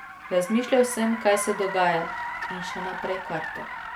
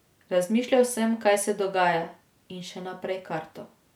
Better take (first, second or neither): second